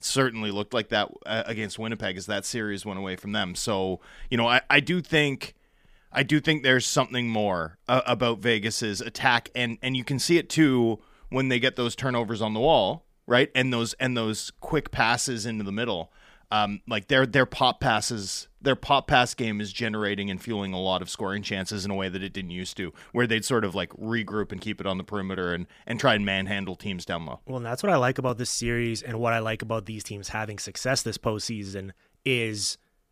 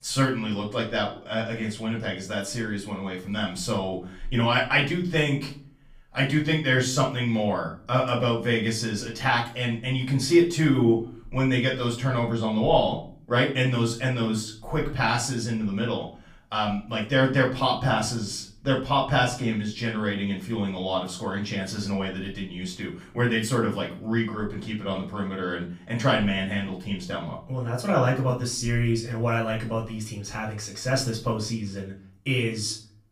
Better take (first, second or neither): first